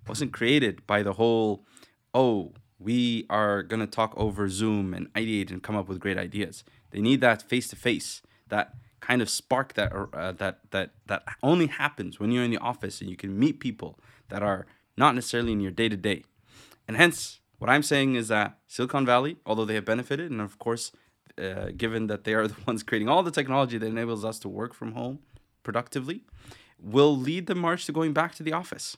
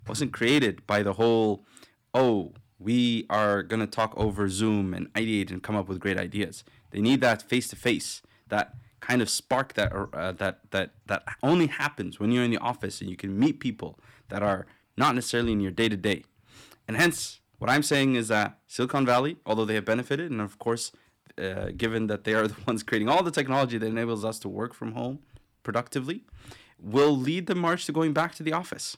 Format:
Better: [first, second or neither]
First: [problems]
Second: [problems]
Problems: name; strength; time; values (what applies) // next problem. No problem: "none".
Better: first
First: none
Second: distortion; slight; 1.8% of the sound clipped